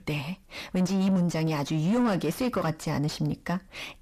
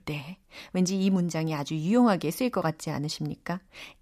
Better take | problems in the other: second | distortion; heavy; 7 dB below the speech

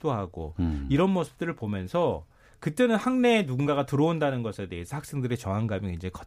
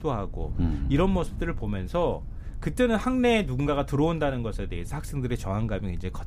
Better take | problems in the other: first | wind noise on the microphone; occasional gusts; 25 dB below the speech

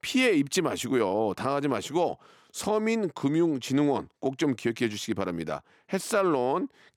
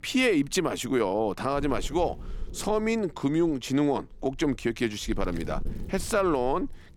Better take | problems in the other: first | wind noise on the microphone; occasional gusts; 25 dB below the speech

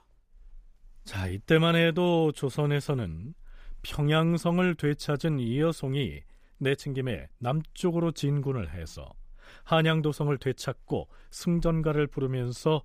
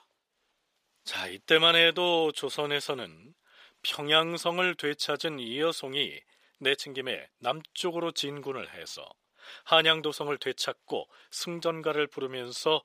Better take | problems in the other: first | thin; very; fading below 450 Hz

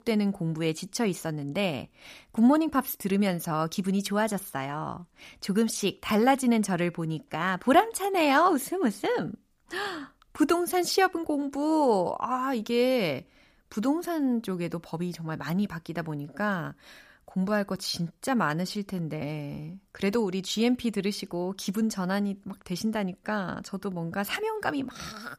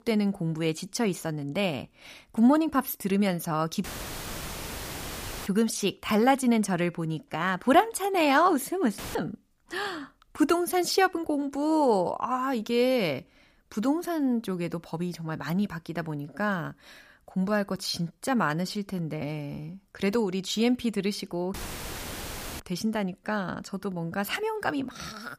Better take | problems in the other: first | audio cutting out; filled with static; at 4 s for 1.5 s, at 9 s and at 22 s for 1 s

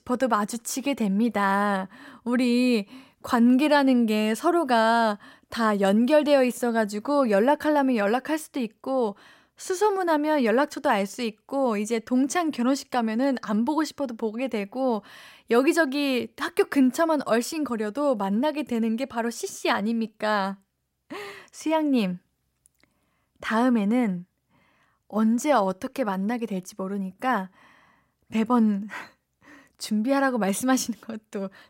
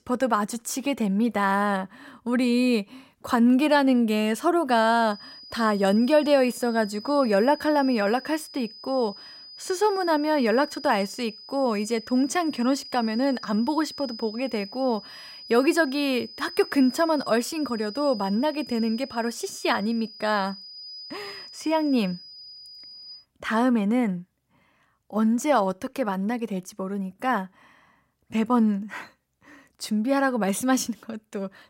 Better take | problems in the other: first | high-pitched whine; noticeable; from 5 to 23 s; 5 kHz, 15 dB below the speech

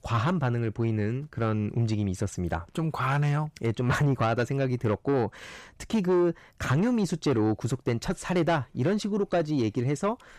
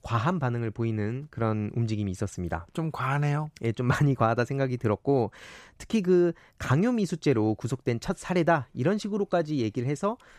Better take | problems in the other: second | distortion; slight; 10 dB below the speech

